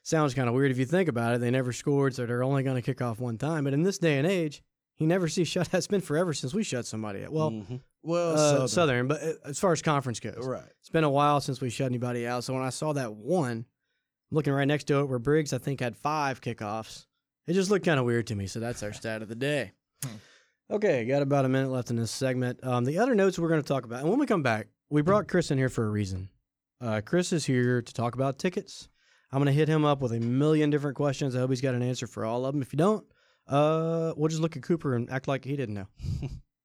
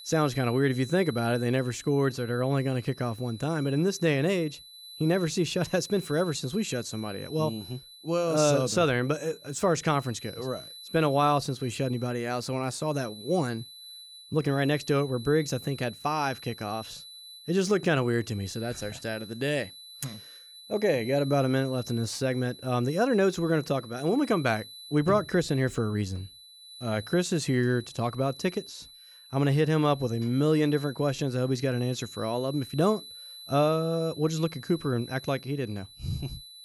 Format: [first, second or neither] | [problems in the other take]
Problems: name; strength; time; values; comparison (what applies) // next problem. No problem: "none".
first | high-pitched whine; noticeable; throughout; 4 kHz, 15 dB below the speech